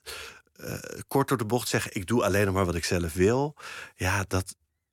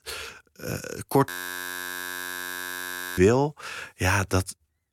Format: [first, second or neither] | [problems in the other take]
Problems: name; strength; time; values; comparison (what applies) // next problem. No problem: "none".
first | audio freezing; at 1.5 s for 2 s